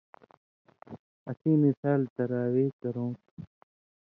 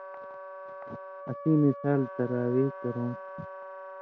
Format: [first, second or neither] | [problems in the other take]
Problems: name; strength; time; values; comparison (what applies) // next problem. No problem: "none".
first | background sound (Wind instrument, woodwind instrument); 12 dB below the speech